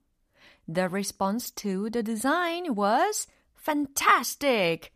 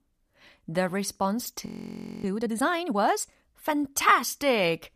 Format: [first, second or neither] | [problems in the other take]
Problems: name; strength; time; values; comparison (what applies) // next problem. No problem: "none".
first | audio freezing; at 1.5 s for 0.5 s